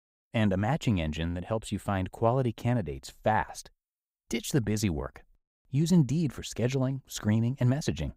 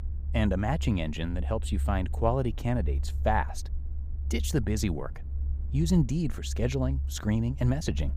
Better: first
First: none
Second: low rumble; noticeable; throughout; 20 dB below the speech

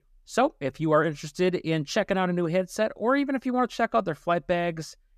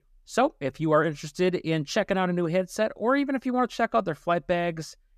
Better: neither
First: none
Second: none

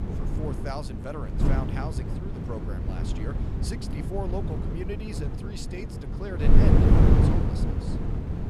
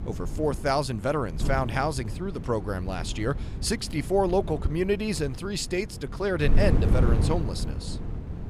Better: second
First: wind noise on the microphone; heavy; 3 dB above the speech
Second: wind noise on the microphone; occasional gusts; 10 dB below the speech

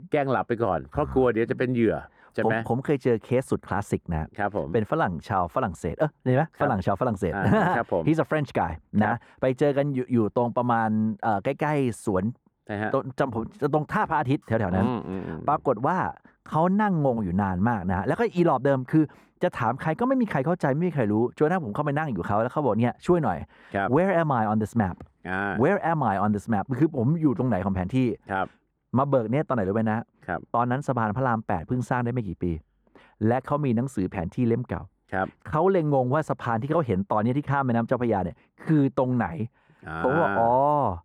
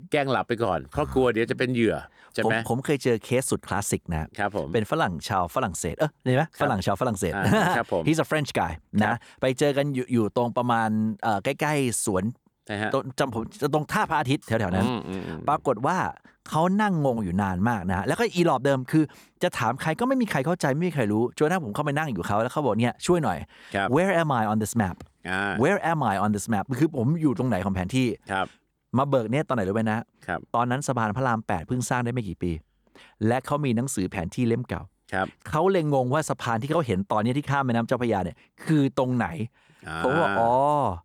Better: second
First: muffled; slightly; fading above 2.5 kHz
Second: none

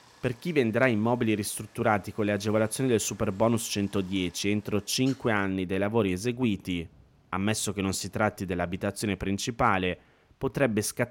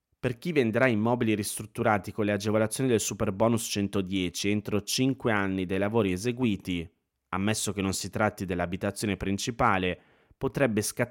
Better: second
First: rain or running water; faint; throughout; 30 dB below the speech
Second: none

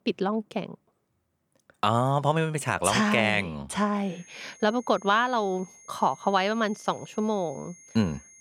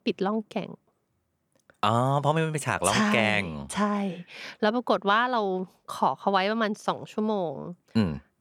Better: second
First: high-pitched whine; faint; from 4 s on; 6.5 kHz, 25 dB below the speech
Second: none

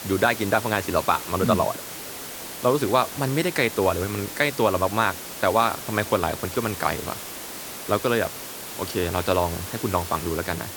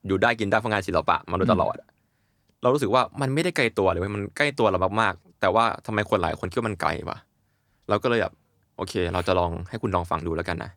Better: second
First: hiss; loud; throughout; 9 dB below the speech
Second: none

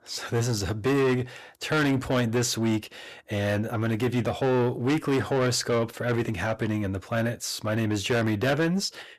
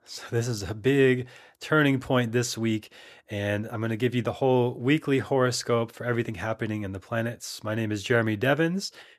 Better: second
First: distortion; heavy; 7 dB below the speech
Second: none

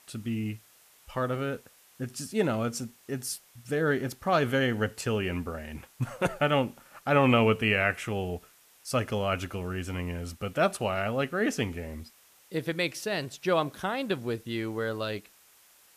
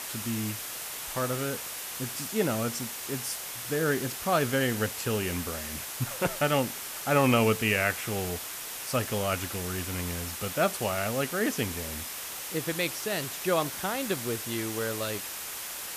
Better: first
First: hiss; faint; throughout; 25 dB below the speech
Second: hiss; loud; throughout; 5 dB below the speech

